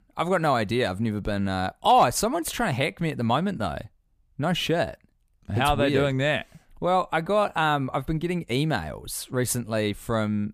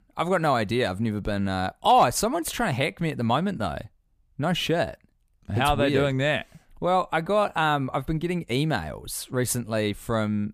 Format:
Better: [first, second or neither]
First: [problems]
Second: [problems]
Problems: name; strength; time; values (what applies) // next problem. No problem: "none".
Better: neither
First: none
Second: none